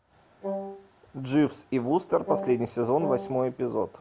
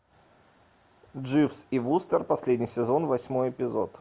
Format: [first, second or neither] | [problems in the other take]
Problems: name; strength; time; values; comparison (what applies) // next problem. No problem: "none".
second | background sound (Wind instrument, woodwind instrument); 8 dB below the speech